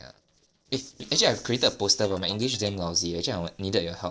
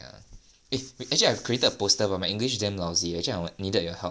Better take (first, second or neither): second